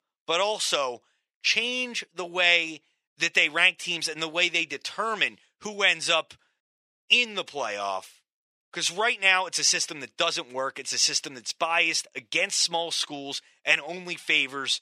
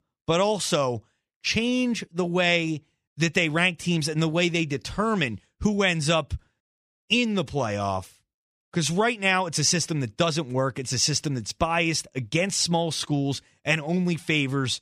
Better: second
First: thin; very; fading below 500 Hz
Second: none

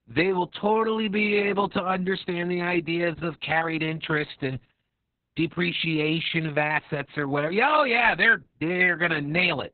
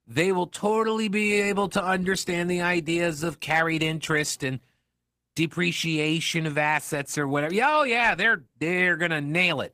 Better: second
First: garbled, watery; badly; nothing above 4 kHz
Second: garbled, watery; slightly; nothing above 15 kHz

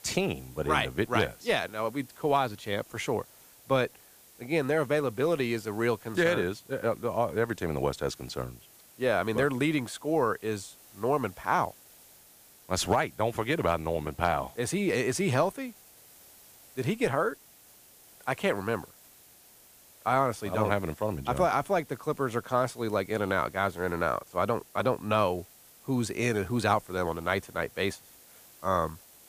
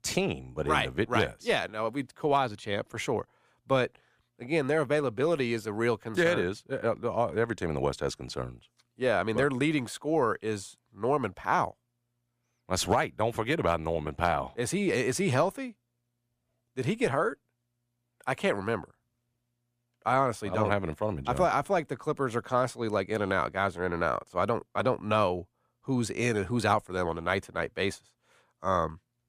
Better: second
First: hiss; faint; throughout; 25 dB below the speech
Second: none

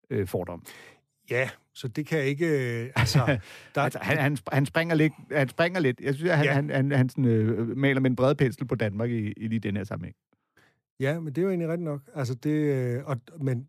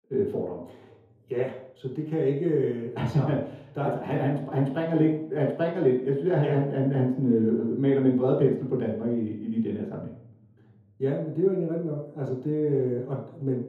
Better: first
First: none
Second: room echo; noticeable; dies away in 1.7 s // off-mic speech; far

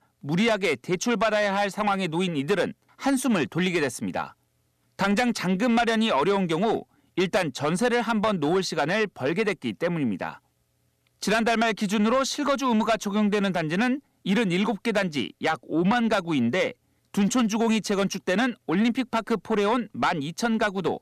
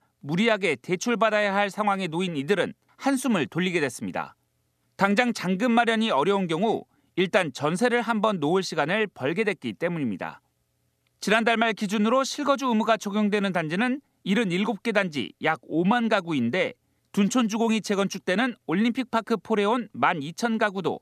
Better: second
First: distortion; slight; 10 dB below the speech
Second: none

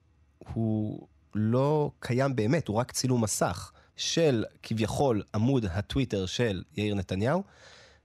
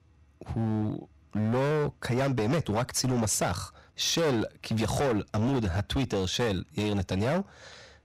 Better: first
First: none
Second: distortion; heavy; 17% of the sound clipped

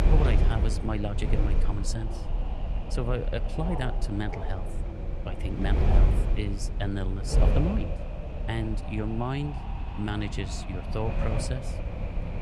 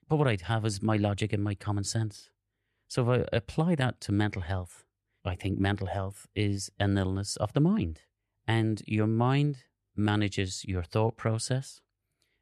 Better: second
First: wind noise on the microphone; heavy; 3 dB below the speech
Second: none

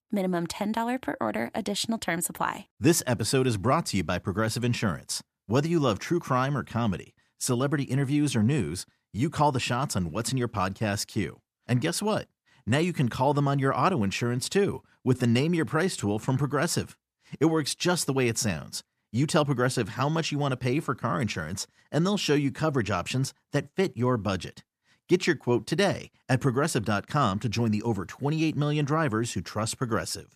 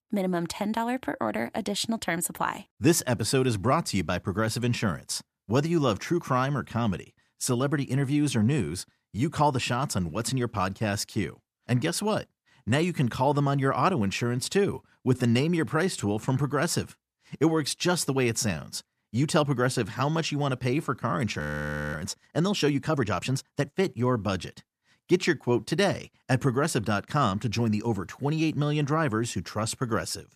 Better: first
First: none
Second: audio freezing; at 21 s for 0.5 s

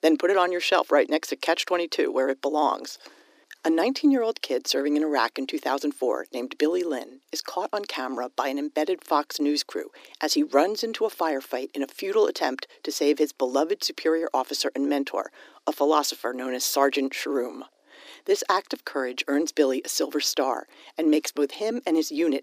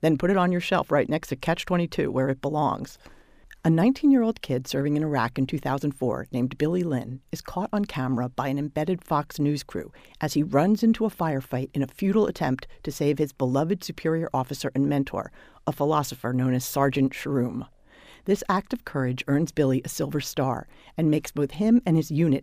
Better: second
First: thin; somewhat; fading below 300 Hz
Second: none

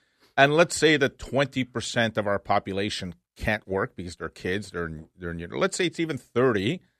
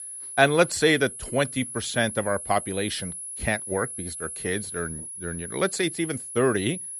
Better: first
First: none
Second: high-pitched whine; loud; throughout; 10.5 kHz, 8 dB below the speech

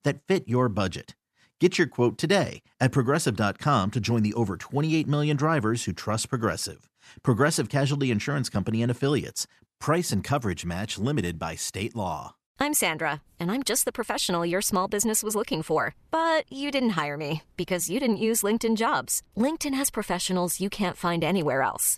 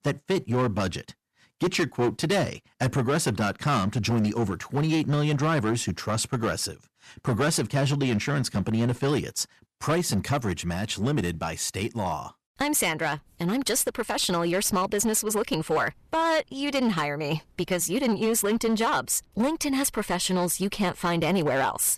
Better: first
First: none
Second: distortion; slight; 10% of the sound clipped

